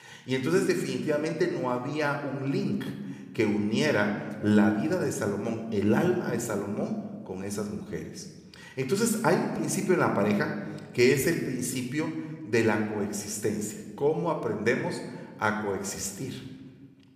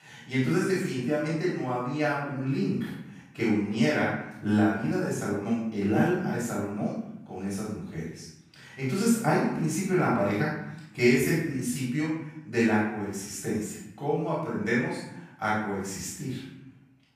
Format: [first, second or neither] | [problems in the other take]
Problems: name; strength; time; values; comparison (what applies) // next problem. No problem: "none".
first | room echo; strong; dies away in 0.8 s; slight in the first // off-mic speech; far